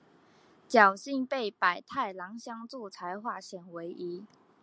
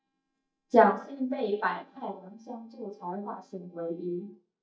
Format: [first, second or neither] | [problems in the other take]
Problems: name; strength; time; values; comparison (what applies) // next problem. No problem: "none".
first | noise reduction (neural mask model DeepFilterNet 3)